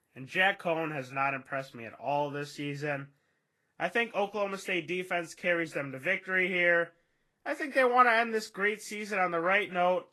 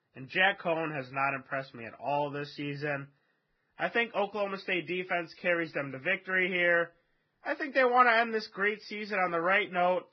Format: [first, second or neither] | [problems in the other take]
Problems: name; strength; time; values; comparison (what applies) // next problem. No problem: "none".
first | garbled, watery; badly; nothing above 5.5 kHz; slightly in the first